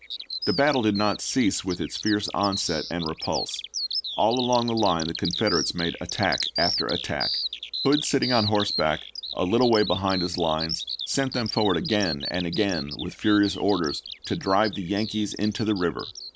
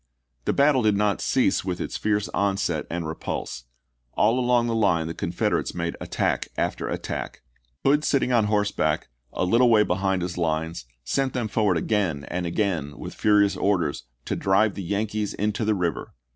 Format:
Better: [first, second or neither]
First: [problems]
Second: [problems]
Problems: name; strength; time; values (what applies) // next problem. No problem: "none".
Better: second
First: background sound (Bird vocalization, bird call, bird song); 7 dB below the speech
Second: none